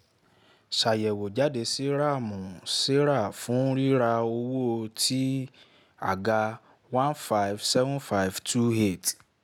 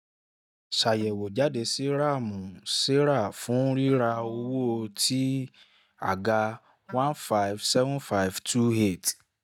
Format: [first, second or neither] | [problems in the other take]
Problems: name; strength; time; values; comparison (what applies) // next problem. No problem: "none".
first | noise reduction (neural mask model DeepFilterNet 3)